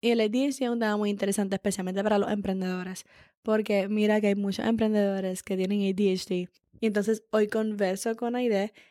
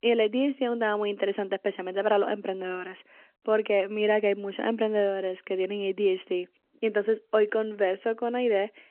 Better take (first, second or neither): first